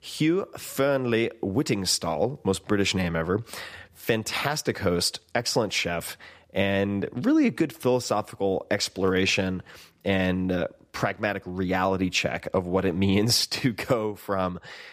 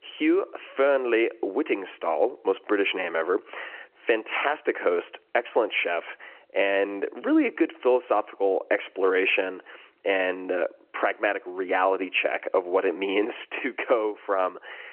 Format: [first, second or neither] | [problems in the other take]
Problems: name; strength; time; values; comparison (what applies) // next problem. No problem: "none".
first | phone-call audio